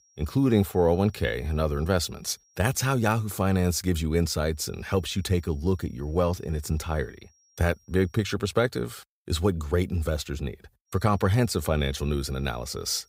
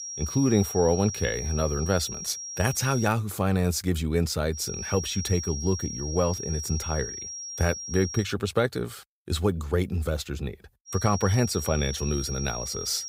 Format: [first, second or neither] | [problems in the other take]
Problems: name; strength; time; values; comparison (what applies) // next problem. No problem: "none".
first | high-pitched whine; loud; until 3 s, from 4.5 to 8 s and from 11 s on; 5.5 kHz, 7 dB below the speech; faint in the first